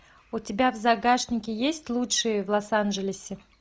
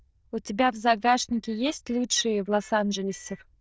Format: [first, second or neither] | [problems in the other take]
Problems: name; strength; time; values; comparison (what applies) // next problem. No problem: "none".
first | noise reduction (neural diffusion model UNIVERSE++)